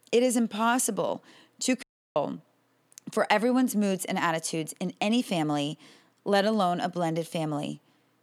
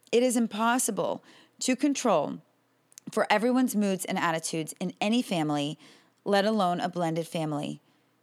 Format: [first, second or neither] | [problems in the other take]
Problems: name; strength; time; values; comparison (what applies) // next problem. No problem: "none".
second | audio cutting out; at 2 s